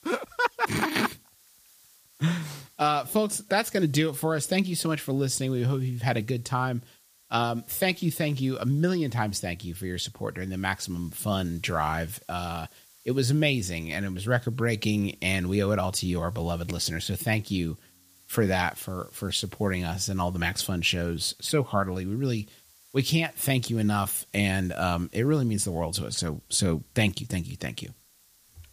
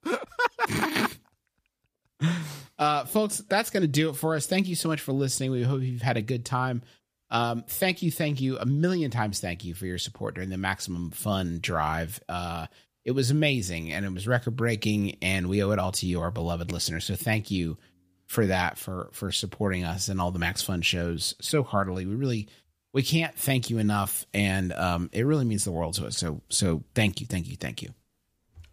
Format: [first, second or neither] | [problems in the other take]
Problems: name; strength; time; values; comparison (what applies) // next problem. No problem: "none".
second | hiss; faint; throughout; 25 dB below the speech